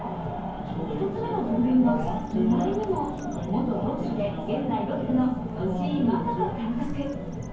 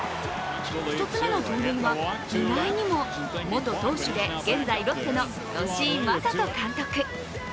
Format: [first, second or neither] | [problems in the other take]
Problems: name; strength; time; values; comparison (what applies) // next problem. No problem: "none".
second | background sound (Printer); 15 dB below the speech // room echo; dies away in 0.9 s